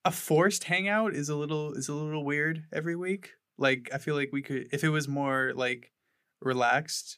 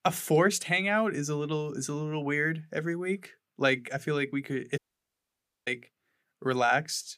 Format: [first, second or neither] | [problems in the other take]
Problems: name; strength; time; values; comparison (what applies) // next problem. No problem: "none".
first | audio cutting out; at 5 s for 1 s